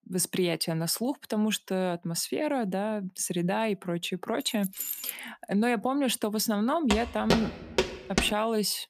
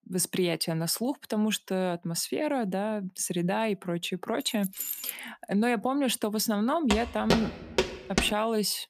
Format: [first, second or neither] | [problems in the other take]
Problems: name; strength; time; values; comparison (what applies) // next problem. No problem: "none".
neither | jangling keys; noticeable; at 4.5 s; peak 4 dB below the speech; the same in both // footsteps; loud; from 7 to 8.5 s; peak 1 dB above the speech; the same in both